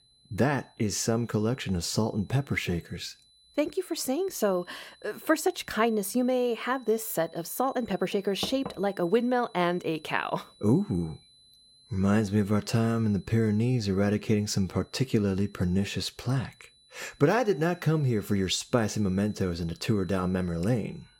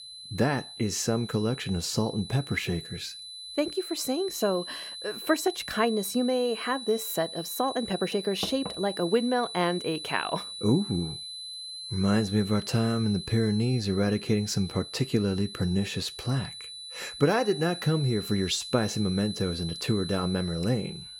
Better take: first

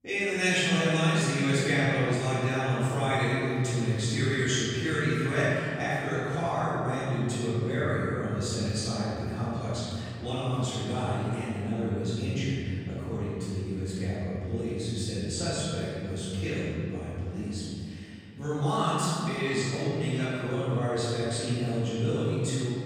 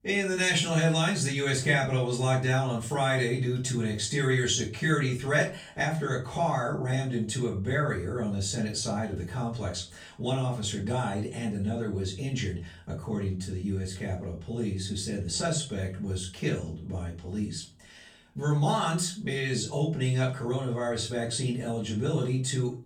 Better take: second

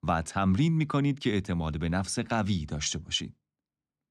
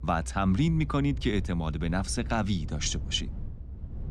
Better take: first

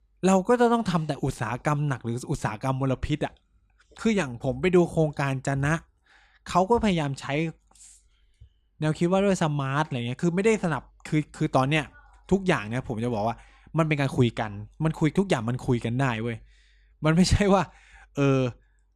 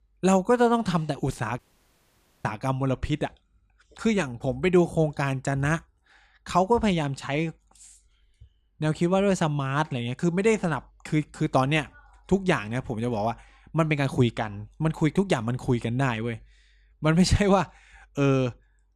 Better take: first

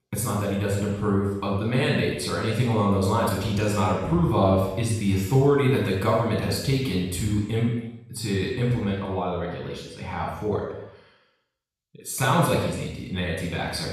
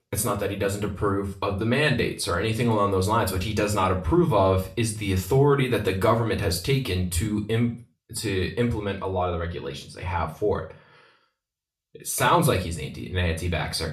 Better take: second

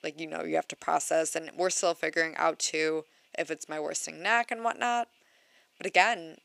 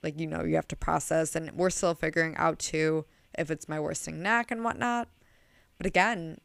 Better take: second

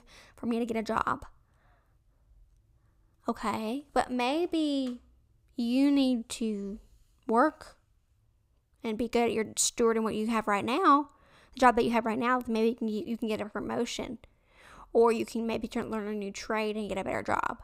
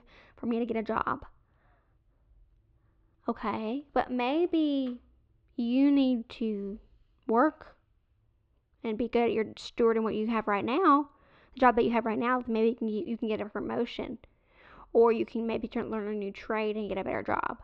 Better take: first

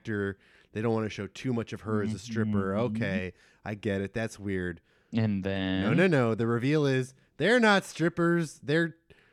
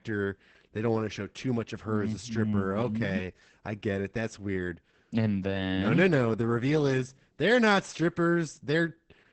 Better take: first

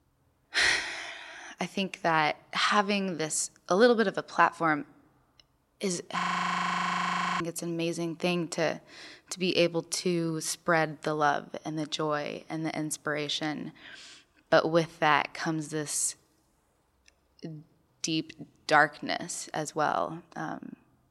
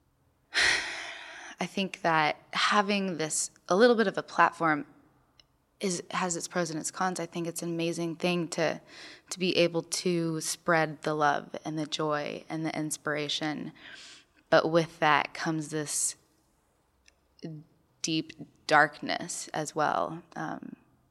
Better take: second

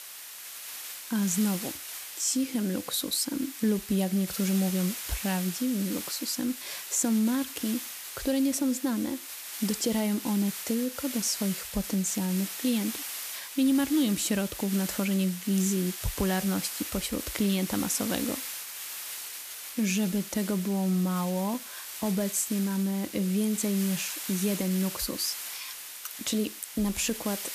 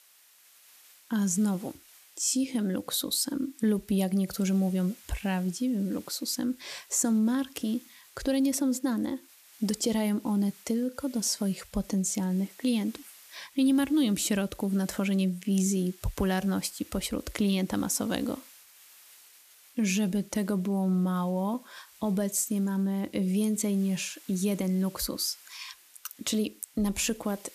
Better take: second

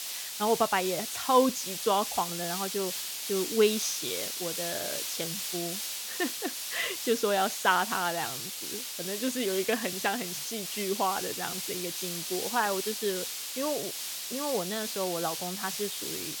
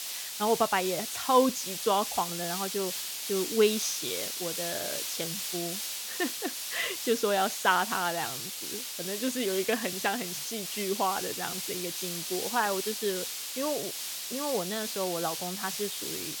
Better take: neither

